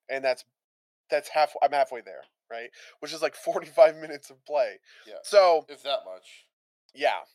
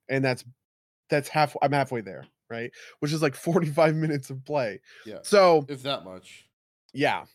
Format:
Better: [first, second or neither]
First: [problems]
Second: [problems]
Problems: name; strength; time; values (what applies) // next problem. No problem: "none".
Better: second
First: thin; very; fading below 600 Hz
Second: none